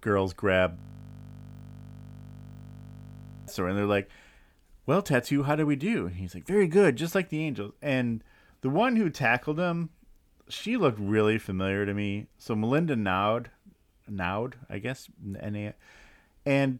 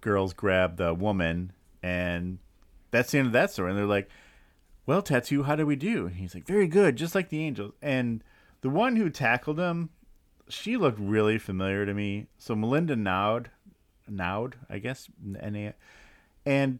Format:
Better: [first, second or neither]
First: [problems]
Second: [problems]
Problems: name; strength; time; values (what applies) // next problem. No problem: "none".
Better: second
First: audio freezing; at 1 s for 2.5 s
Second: none